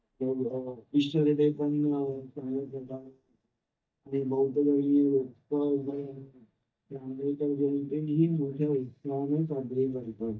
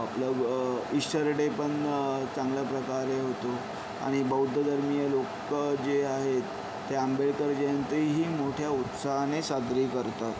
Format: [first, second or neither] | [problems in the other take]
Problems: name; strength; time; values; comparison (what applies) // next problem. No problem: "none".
second | noise reduction (neural mask model DeepFilterNet 3)